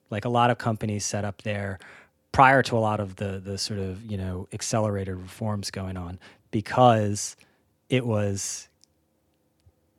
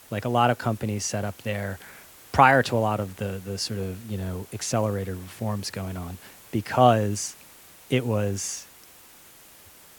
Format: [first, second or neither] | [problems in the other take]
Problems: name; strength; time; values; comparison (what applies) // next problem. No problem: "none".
first | hiss; faint; throughout; 20 dB below the speech